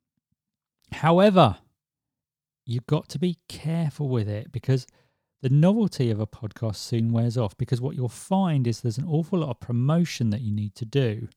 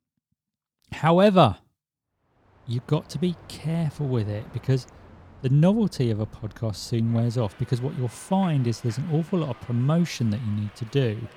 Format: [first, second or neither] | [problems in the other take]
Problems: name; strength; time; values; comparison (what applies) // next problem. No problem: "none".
first | train or aircraft noise; faint; from 3 s on; 25 dB below the speech